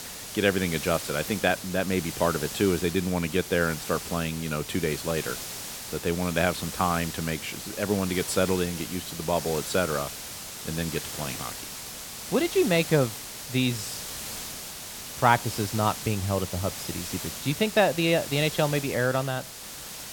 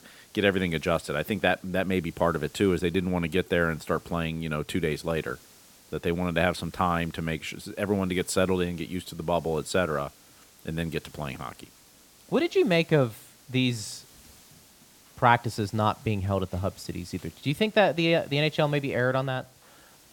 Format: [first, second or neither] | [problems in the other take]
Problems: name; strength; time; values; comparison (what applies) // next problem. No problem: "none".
second | hiss; loud; throughout; 8 dB below the speech; faint in the second